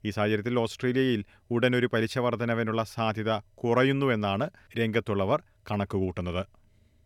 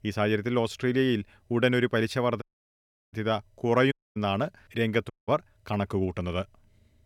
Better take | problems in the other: first | audio cutting out; at 2.5 s for 0.5 s, at 4 s and at 5 s

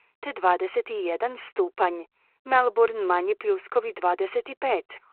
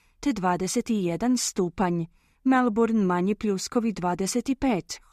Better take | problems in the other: second | phone-call audio

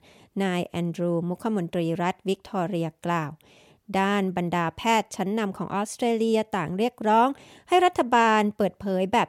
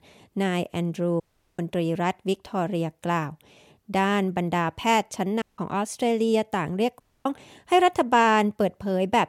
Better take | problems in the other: first | audio cutting out; at 1 s, at 5.5 s and at 7 s

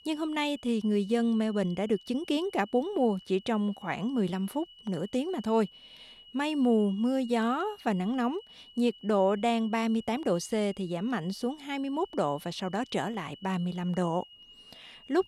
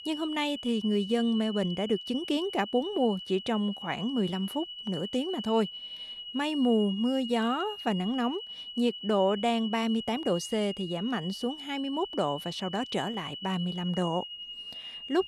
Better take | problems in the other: first | high-pitched whine; loud; throughout; 3 kHz, 9 dB below the speech; faint in the first

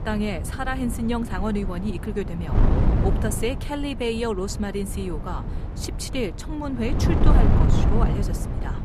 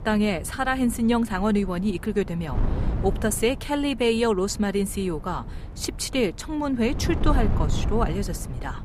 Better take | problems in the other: second | wind noise on the microphone; heavy; 4 dB below the speech; occasional gusts in the second

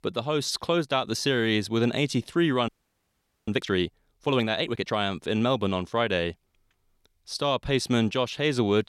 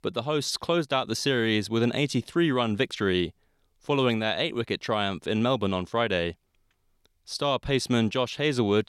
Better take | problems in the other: second | audio freezing; at 2.5 s for 1 s

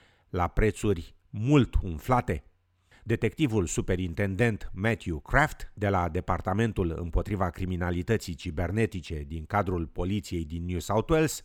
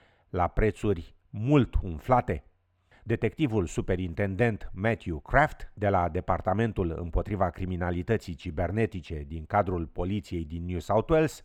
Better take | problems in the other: first | muffled; slightly; fading above 4 kHz

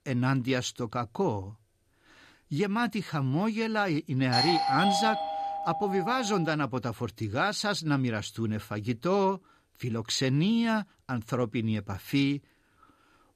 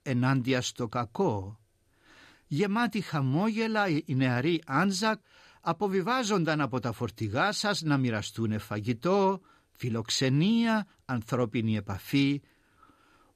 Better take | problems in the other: second | doorbell; loud; from 4.5 to 6.5 s; peak 4 dB above the speech

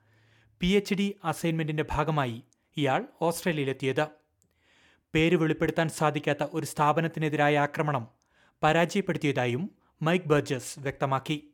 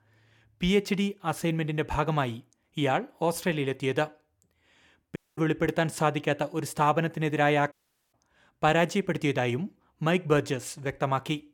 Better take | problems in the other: first | audio cutting out; at 5 s and at 7.5 s

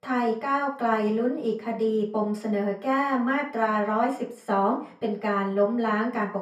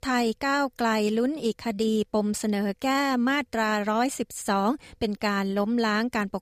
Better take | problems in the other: second | room echo; slight; dies away in 0.4 s // off-mic speech; far

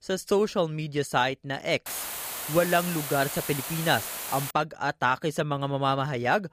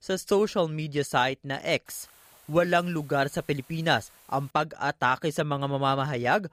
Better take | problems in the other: second | hiss; loud; from 2 to 4.5 s; 6 dB below the speech; faint in the second

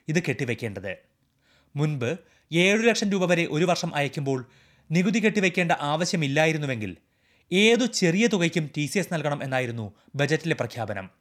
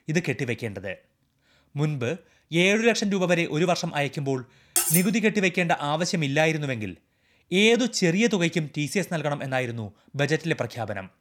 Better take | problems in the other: first | clattering dishes; loud; at 5 s; peak 3 dB above the speech

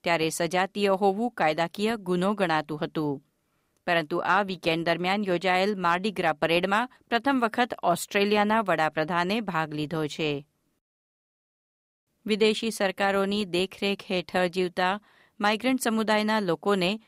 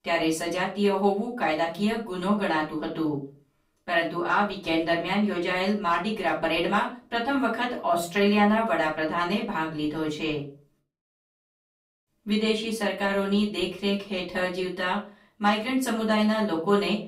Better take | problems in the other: first | off-mic speech; far // room echo; slight; dies away in 0.3 s

